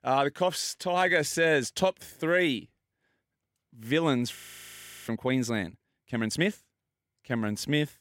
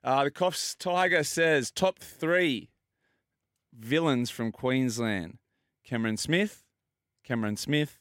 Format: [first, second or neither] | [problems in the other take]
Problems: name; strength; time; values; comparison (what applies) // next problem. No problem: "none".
second | audio freezing; at 4.5 s for 0.5 s